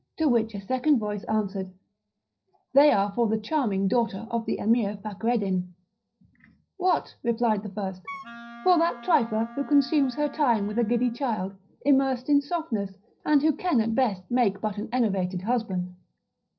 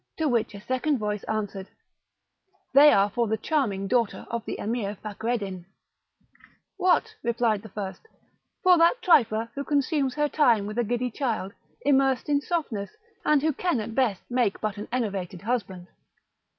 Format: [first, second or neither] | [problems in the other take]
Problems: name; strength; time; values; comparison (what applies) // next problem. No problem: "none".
second | noise reduction (neural separator model SepFormer DNS4)